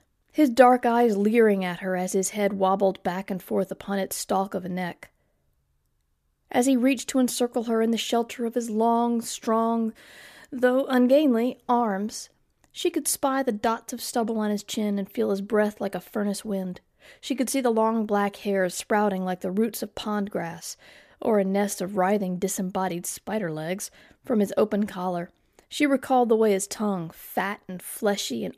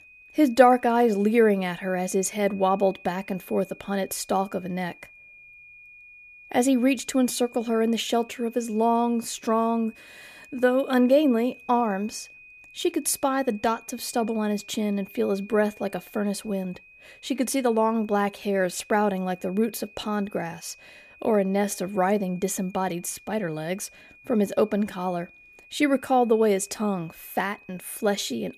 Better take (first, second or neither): first